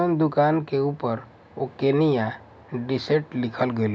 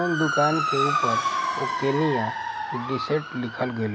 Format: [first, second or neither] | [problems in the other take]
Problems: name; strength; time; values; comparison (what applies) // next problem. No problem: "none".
first | background sound (Motor vehicle (road) / Siren); as loud as the speech